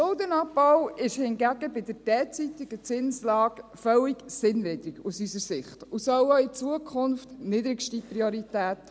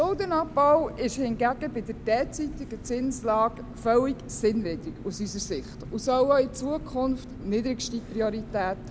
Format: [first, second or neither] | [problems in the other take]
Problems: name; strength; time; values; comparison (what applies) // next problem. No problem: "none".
first | background sound (Engine); 13 dB below the speech